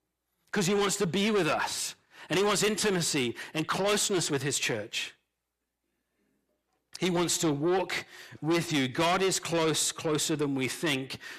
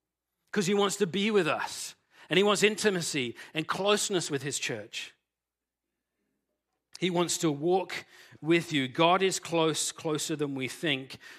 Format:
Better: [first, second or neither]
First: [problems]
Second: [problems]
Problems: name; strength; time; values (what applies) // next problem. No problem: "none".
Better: second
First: distortion; heavy; 7 dB below the speech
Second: none